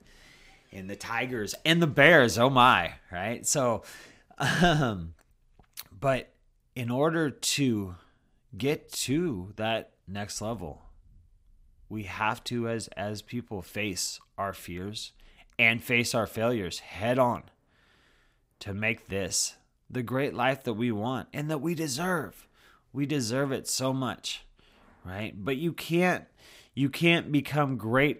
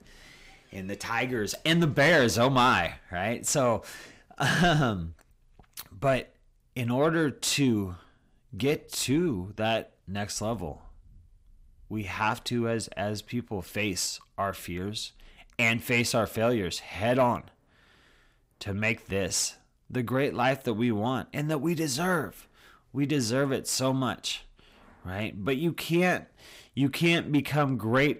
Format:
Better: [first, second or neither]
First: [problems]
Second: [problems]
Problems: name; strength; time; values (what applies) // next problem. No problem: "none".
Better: first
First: none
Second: distortion; slight; 10 dB below the speech